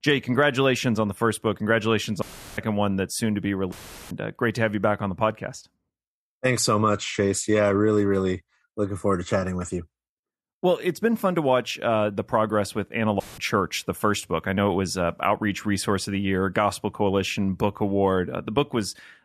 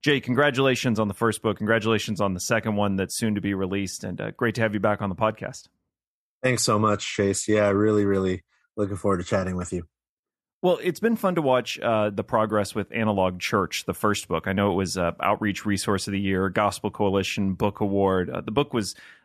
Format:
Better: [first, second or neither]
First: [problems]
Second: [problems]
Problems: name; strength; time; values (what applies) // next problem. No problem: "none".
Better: second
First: audio cutting out; filled with static; at 2 s, at 3.5 s and at 13 s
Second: none